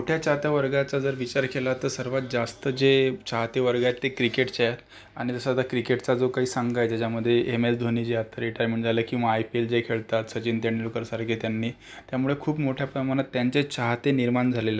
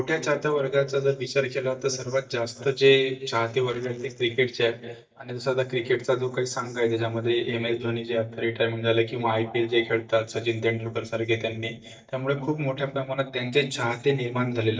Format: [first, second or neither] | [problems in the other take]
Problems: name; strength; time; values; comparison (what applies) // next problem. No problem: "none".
first | noise reduction (neural mask model DeepFilterNet 3)